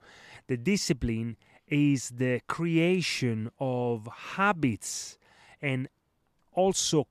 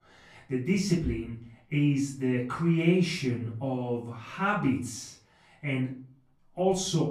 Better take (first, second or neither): first